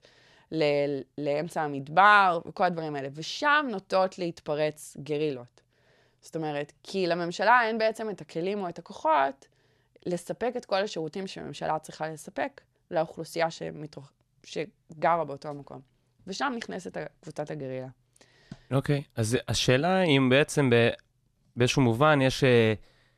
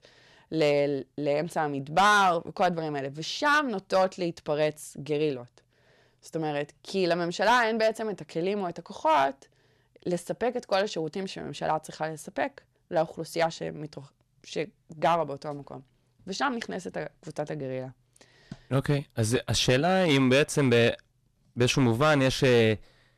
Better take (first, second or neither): first